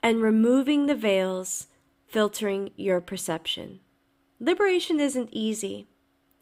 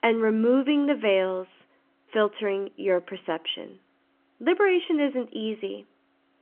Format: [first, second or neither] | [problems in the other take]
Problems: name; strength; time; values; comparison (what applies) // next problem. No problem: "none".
first | phone-call audio; nothing above 3 kHz